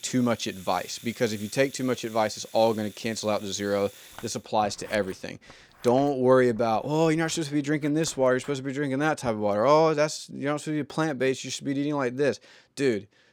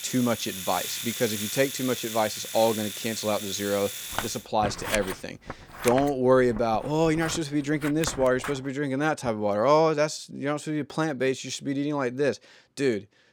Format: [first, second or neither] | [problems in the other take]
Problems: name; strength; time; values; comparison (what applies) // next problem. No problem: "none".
first | household noises; loud; until 8.5 s; 8 dB below the speech; faint in the first